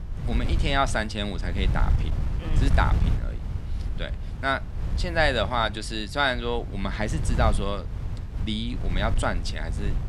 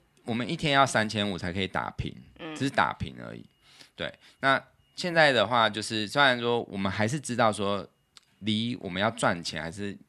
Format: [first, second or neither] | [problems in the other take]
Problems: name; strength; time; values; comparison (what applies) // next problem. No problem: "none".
second | wind noise on the microphone; occasional gusts; 15 dB below the speech